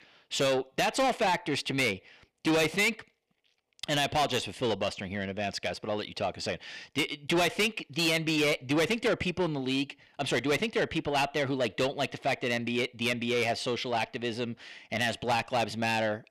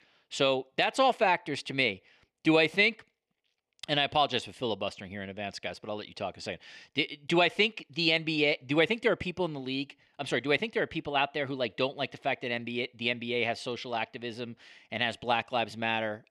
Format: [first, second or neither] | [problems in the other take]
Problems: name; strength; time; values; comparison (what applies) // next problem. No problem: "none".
second | distortion; heavy; 6 dB below the speech